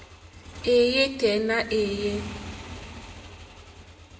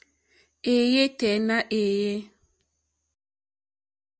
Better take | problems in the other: second | background sound (Motorcycle / Engine); 14 dB below the speech // room echo; dies away in 1.3 s

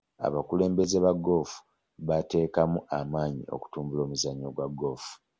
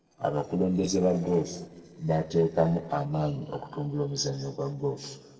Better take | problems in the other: first | noise reduction (neural separator model SepFormer DNS4)

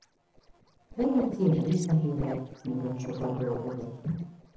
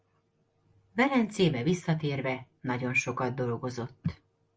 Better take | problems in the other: second | noise reduction (neural separator model SepFormer DNS4)

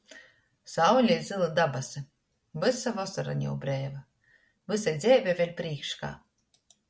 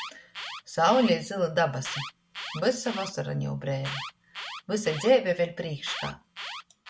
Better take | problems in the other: first | background sound (Alarm); 12 dB below the speech

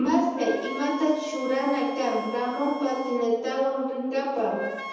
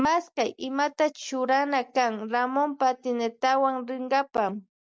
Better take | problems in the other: second | background sound (Wind instrument, woodwind instrument); 12 dB below the speech // room echo; dies away in 1.1 s

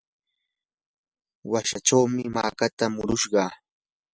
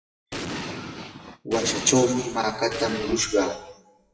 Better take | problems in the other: first | noise reduction (classical method WPE with log-MMSE)

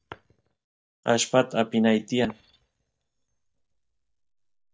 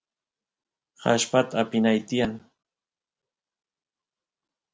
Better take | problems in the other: second | noise reduction (neural mask model DeepFilterNet 3)

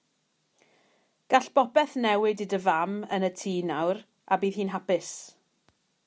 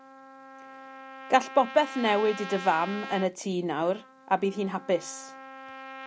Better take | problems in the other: first | background sound (Trumpet); 14 dB below the speech

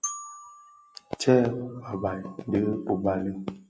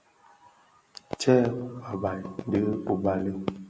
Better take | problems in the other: second | noise reduction (classical method log-MMSE)

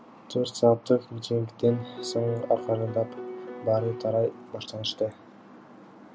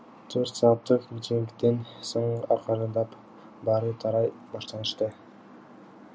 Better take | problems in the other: second | background sound (Piano); 11 dB below the speech

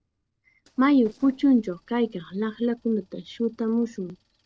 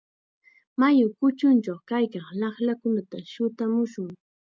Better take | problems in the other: second | noise reduction (neural separator model SepFormer DNS4)

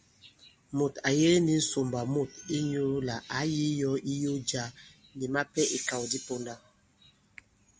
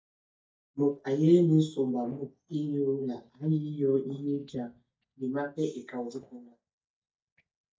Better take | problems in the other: first | noise reduction (neural mask model DeepFilterNet 3)

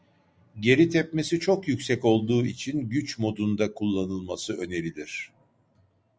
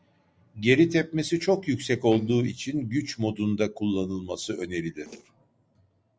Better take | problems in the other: first | noise reduction (neural separator model SepFormer DNS4)

